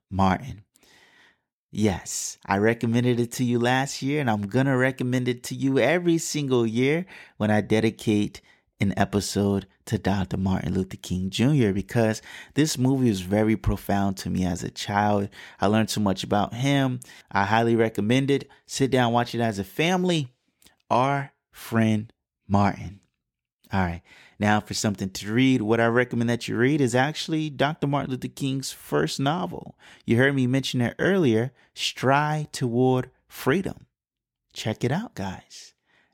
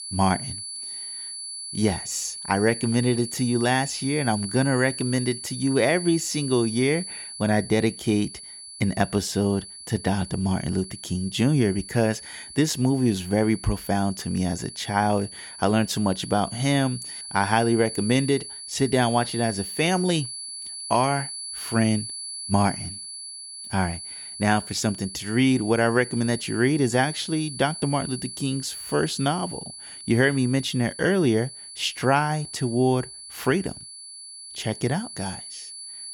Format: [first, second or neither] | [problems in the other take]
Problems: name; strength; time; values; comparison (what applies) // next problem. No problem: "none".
first | high-pitched whine; noticeable; throughout; 4.5 kHz, 10 dB below the speech